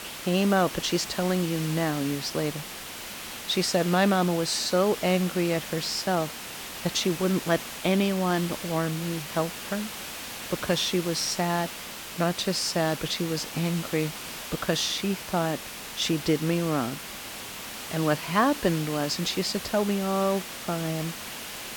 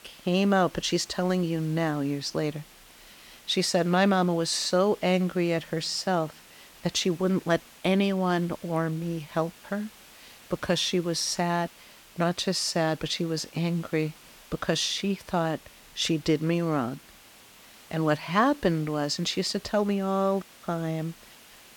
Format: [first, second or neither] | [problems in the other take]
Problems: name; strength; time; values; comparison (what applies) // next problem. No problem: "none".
second | hiss; loud; throughout; 9 dB below the speech; faint in the second